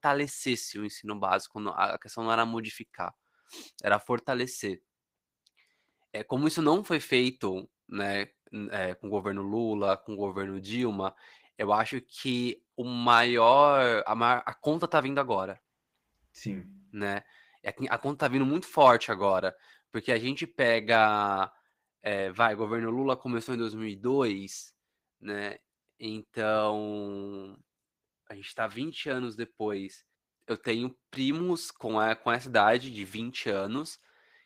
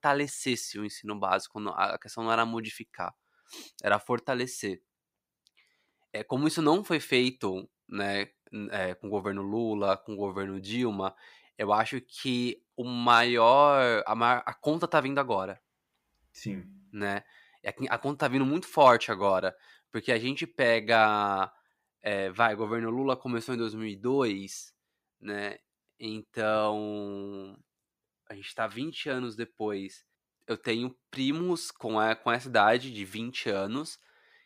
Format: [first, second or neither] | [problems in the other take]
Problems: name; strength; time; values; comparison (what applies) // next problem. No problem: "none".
second | garbled, watery; slightly; nothing above 15.5 kHz